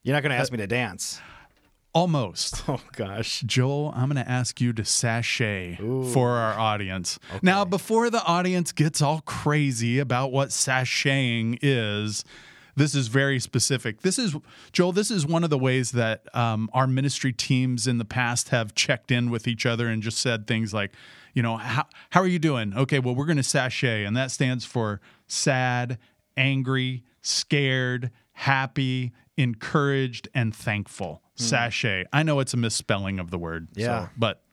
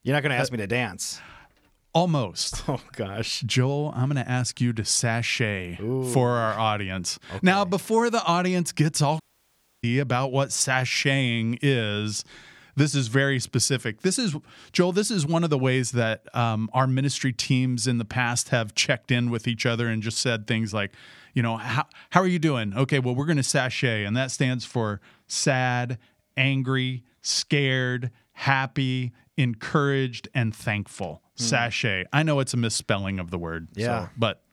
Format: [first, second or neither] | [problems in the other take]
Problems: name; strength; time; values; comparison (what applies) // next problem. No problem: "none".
first | audio cutting out; at 9 s for 0.5 s